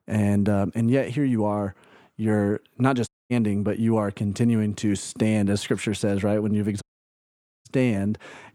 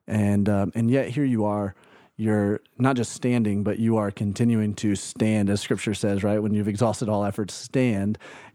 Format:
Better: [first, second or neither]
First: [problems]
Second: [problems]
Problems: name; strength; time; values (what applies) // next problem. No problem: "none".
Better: second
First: audio cutting out; at 3 s and at 7 s for 1 s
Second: none